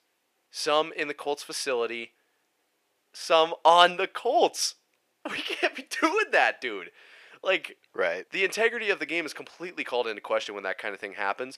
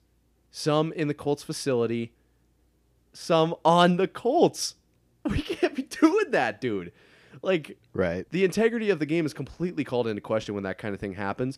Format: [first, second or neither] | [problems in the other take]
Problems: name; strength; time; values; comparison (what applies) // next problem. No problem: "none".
second | thin; very; fading below 650 Hz